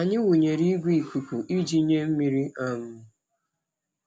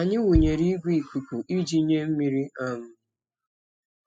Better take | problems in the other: first | noise reduction (classical method spectral subtraction)

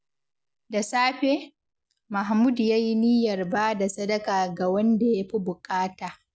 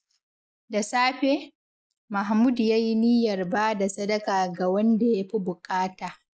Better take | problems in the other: first | noise reduction (neural mask model Resemble Enhance denoiser)

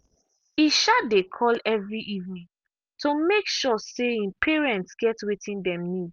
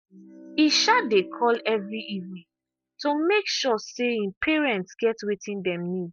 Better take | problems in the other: first | noise reduction (classical method Wiener filter)

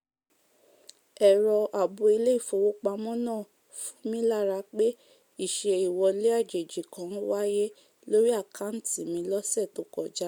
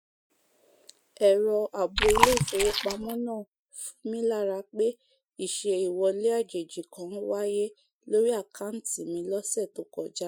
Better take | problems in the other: first | noise reduction (classical method Wiener filter)

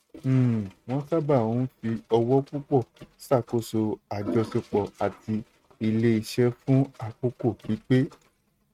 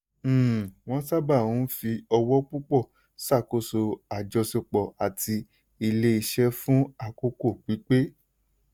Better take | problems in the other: second | noise reduction (neural mask model RNNoise)

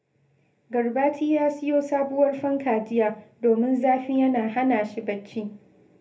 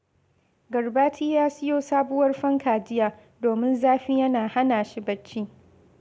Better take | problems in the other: second | room echo; dies away in 0.3 s

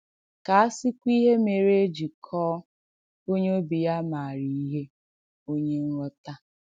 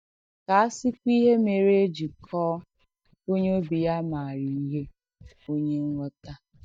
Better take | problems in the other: first | noise reduction (neural mask model DeepFilterNet 3)

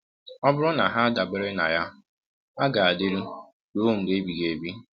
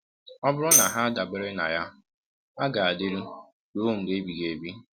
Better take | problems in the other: first | background sound (Tambourine); 2 dB above the speech

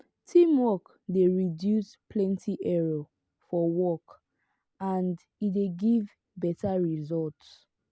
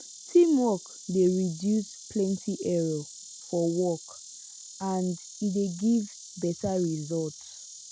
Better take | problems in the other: first | background sound (Insect); 16 dB below the speech

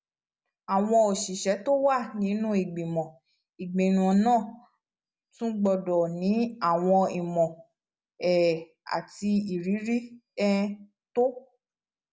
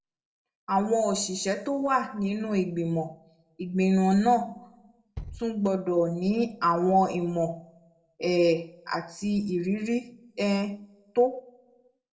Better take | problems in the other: first | noise reduction (neural separator model SepFormer DNS4)

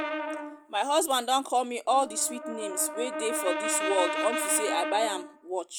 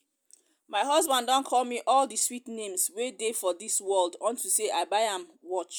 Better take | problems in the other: second | background sound (Brass instrument); 5 dB below the speech

